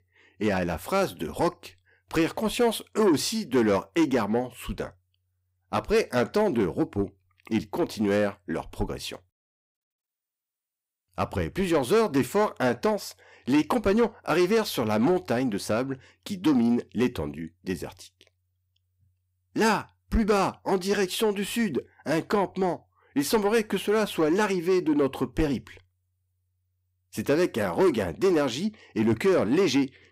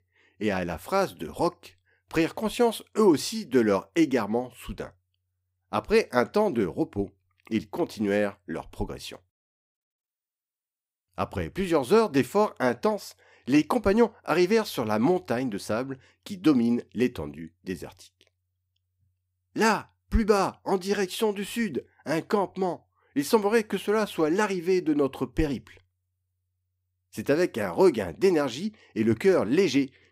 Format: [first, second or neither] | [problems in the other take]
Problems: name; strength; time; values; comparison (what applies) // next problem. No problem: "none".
second | distortion; slight; 10 dB below the speech